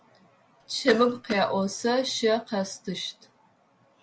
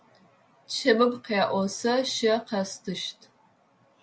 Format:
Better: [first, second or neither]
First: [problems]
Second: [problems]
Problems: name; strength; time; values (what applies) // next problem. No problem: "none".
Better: second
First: background sound (Cough); 11 dB below the speech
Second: none